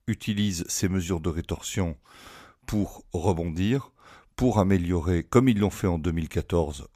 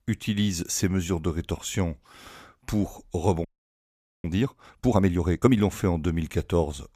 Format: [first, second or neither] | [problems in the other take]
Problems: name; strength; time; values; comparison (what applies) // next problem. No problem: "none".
first | audio freezing; at 3.5 s for 1 s